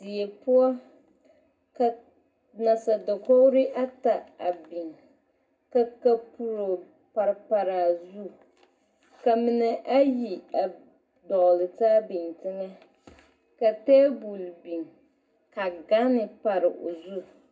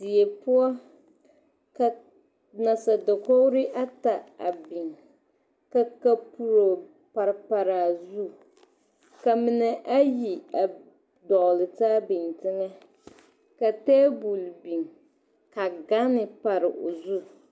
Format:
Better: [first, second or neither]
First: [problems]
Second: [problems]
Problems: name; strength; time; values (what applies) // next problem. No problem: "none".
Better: second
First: room echo; dies away in 0.3 s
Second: none